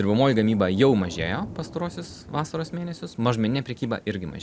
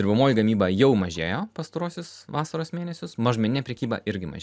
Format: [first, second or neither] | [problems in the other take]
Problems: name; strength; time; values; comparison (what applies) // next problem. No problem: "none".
second | background sound (Thunder / Rain); 18 dB below the speech